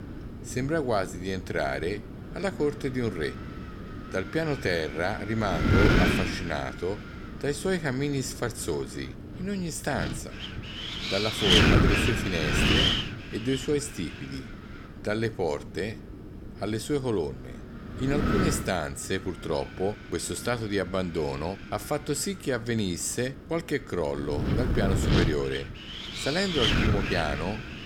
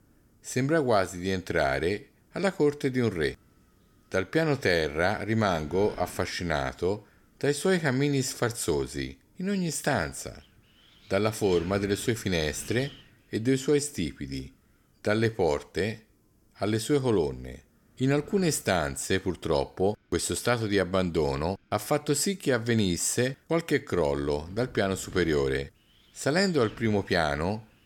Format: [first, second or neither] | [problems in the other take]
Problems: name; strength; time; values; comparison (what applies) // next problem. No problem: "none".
second | wind noise on the microphone; heavy; 3 dB above the speech; occasional gusts in the second